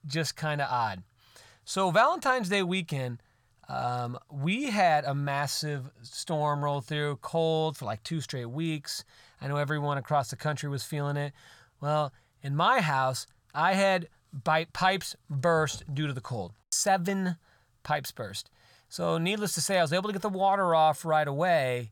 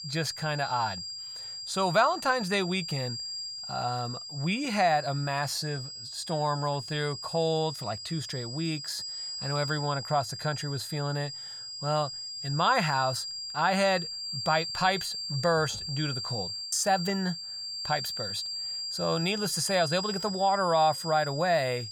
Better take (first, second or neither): first